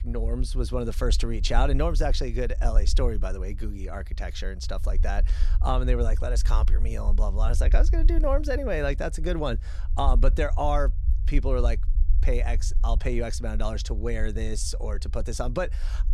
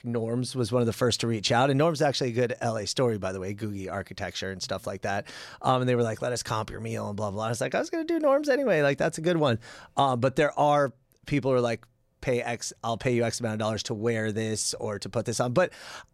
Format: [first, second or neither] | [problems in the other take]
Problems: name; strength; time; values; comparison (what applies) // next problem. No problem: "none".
second | low rumble; noticeable; throughout; 20 dB below the speech